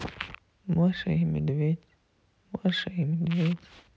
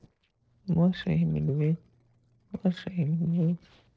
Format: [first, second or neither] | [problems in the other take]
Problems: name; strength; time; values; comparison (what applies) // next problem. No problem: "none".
first | noise reduction (neural separator model SepFormer DNS4)